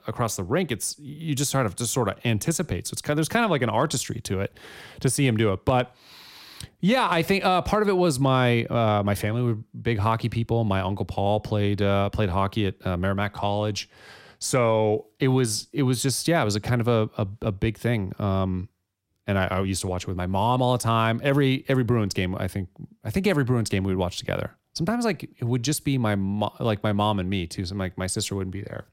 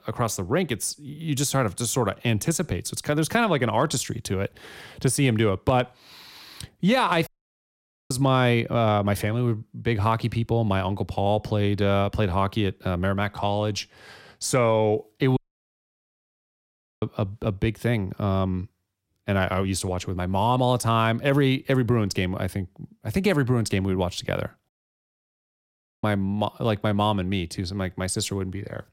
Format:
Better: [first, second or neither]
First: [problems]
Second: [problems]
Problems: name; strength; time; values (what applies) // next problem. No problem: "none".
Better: first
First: none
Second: audio cutting out; at 7.5 s for 1 s, at 15 s for 1.5 s and at 25 s for 1.5 s